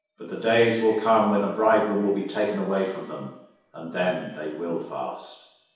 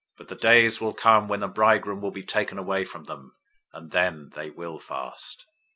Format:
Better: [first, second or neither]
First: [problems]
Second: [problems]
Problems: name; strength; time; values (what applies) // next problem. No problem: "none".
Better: second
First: room echo; dies away in 2.2 s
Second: none